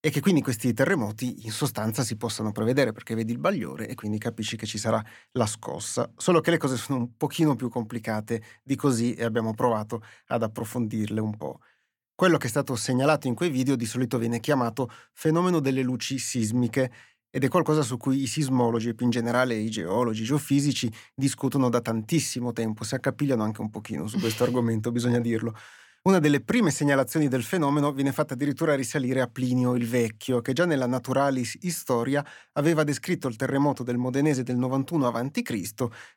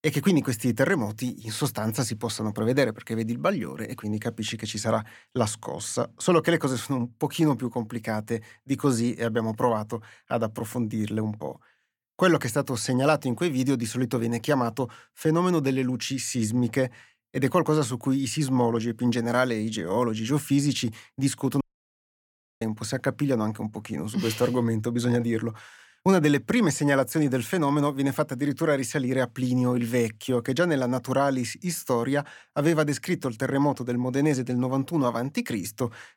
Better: first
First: none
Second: audio cutting out; at 22 s for 1 s

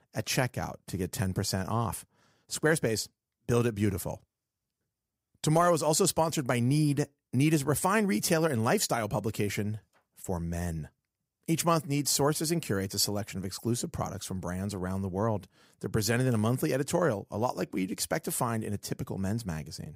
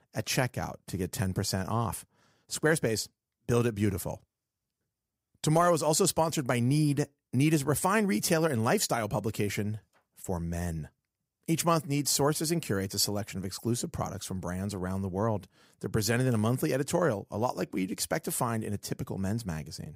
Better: neither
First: none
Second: none

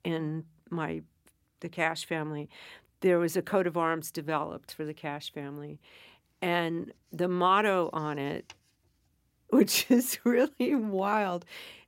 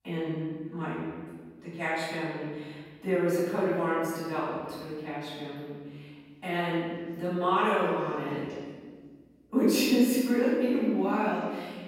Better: first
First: none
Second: room echo; strong; dies away in 1.5 s // off-mic speech; far

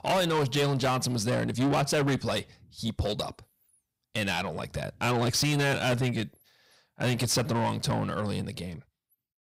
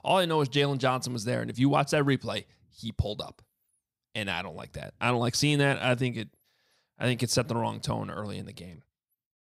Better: second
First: distortion; heavy; 6 dB below the speech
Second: none

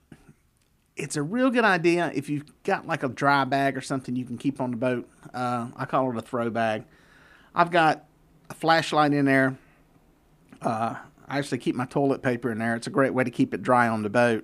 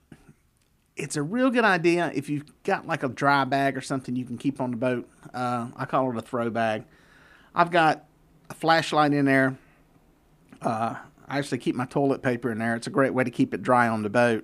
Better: neither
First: none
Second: none

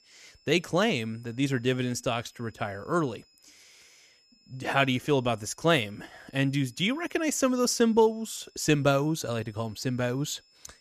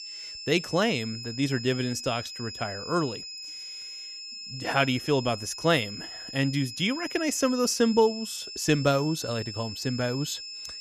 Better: first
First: high-pitched whine; faint; throughout; 5 kHz, 30 dB below the speech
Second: high-pitched whine; loud; throughout; 5 kHz, 9 dB below the speech

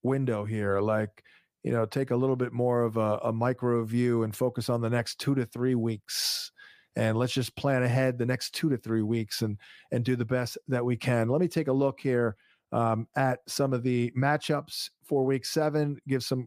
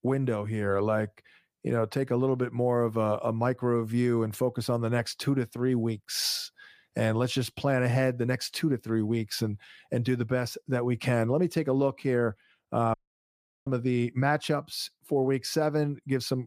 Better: first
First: none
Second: audio cutting out; at 13 s for 0.5 s

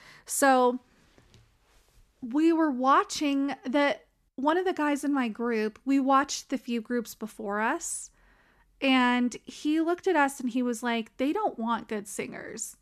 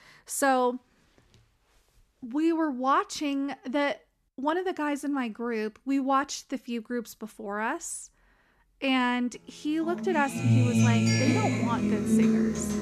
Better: first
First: none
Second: background music; very loud; from 10 s on; 4 dB above the speech

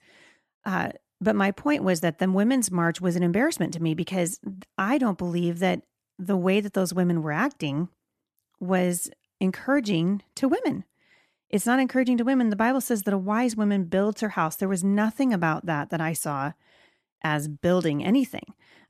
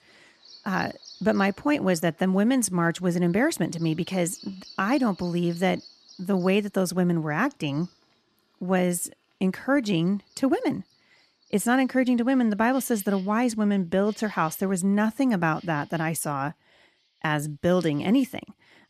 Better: first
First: none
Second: animal sounds; faint; throughout; 25 dB below the speech

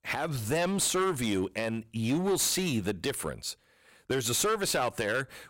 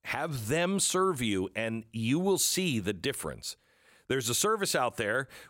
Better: second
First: distortion; slight; 10% of the sound clipped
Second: none

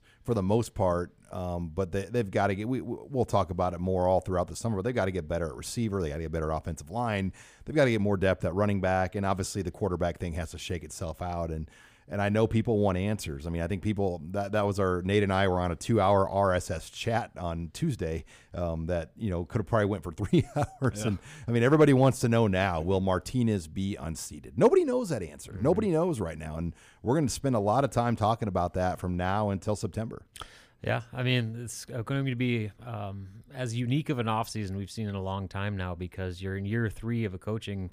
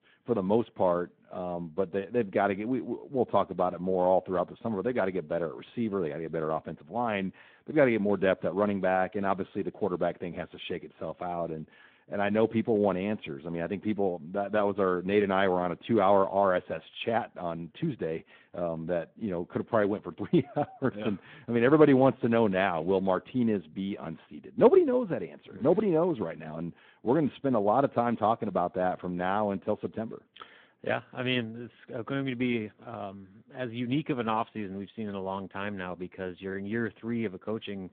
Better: first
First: none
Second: phone-call audio

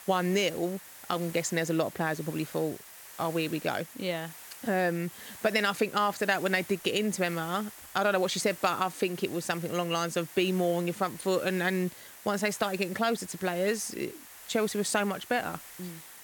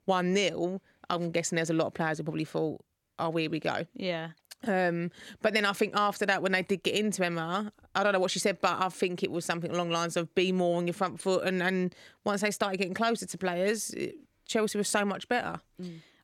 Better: second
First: hiss; noticeable; throughout; 15 dB below the speech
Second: none

